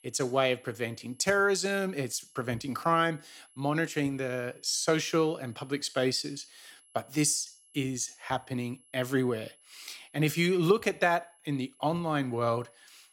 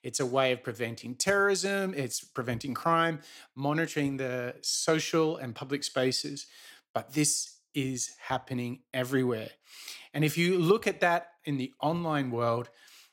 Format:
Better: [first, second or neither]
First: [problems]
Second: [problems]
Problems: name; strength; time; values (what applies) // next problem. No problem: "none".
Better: second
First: high-pitched whine; faint; throughout; 11 kHz, 30 dB below the speech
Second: none